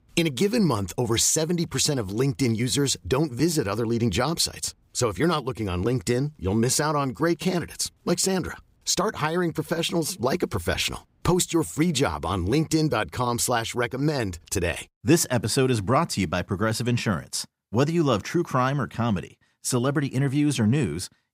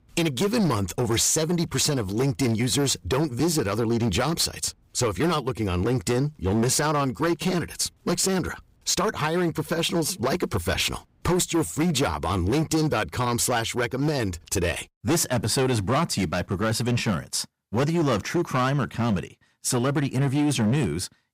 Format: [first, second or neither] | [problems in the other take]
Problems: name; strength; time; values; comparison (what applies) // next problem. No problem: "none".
first | distortion; slight; 12% of the sound clipped